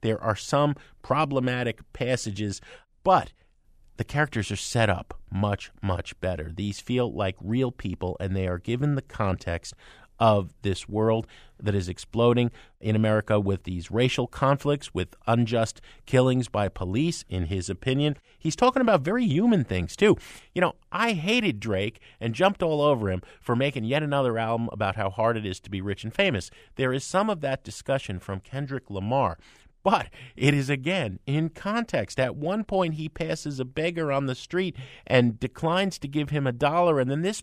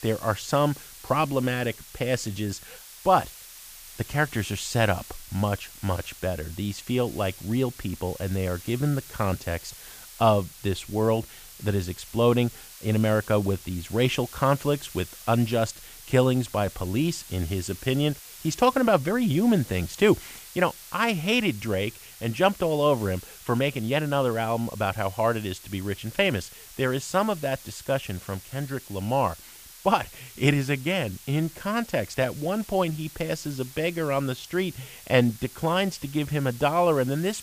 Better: first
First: none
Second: hiss; noticeable; throughout; 15 dB below the speech

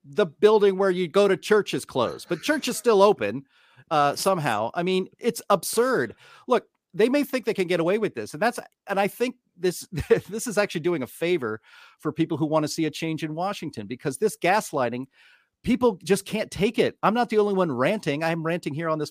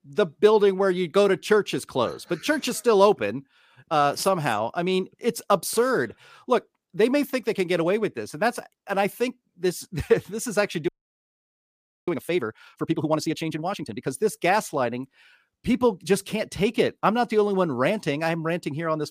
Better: first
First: none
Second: audio freezing; at 11 s for 1 s

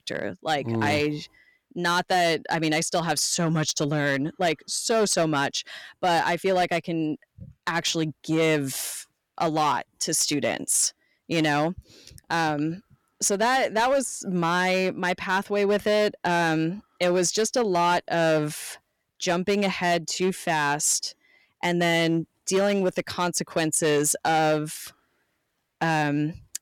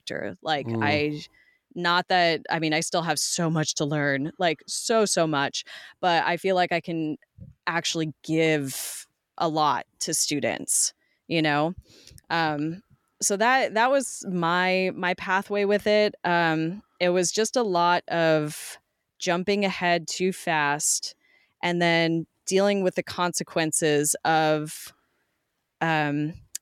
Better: second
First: distortion; slight; 7% of the sound clipped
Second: none

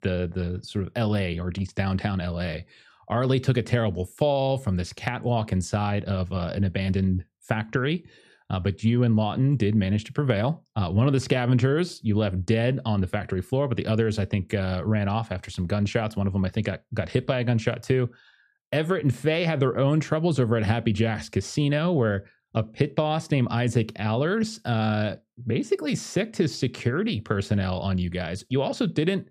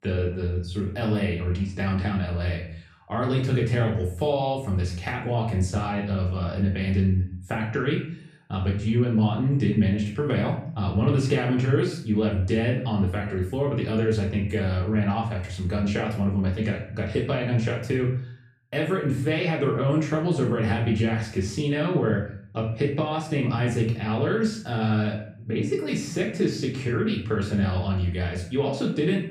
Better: first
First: none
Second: room echo; noticeable; dies away in 0.5 s // off-mic speech; far

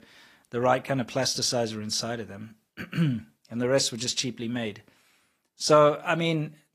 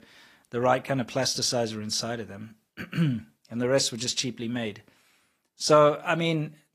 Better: neither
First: garbled, watery; slightly; nothing above 15 kHz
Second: garbled, watery; slightly; nothing above 15 kHz

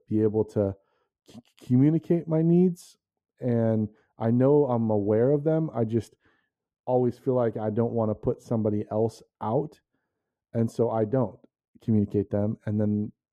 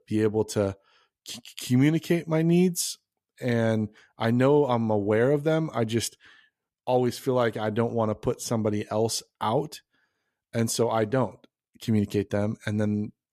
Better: second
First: muffled; very; fading above 1.5 kHz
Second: none

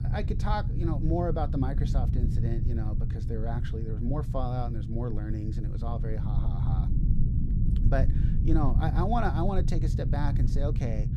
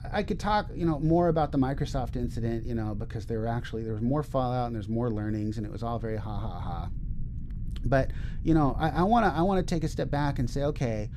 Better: second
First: low rumble; loud; throughout; 7 dB below the speech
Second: low rumble; faint; throughout; 25 dB below the speech

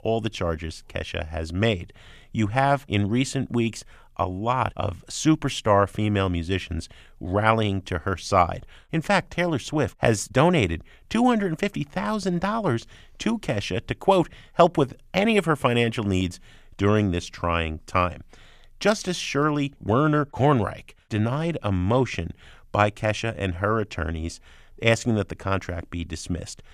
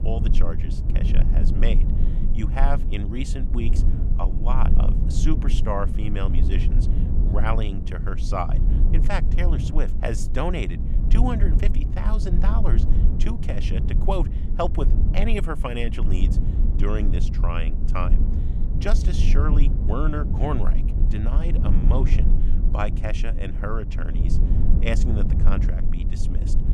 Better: first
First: none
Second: low rumble; loud; throughout; 7 dB below the speech

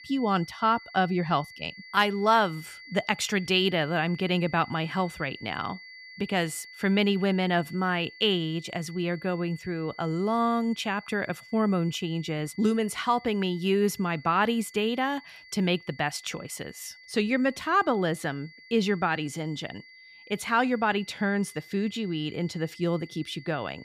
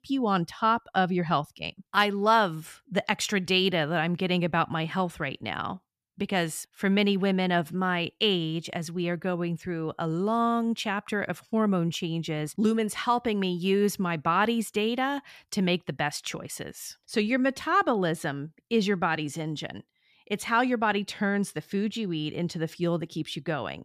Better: second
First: high-pitched whine; noticeable; throughout; 2 kHz, 20 dB below the speech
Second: none

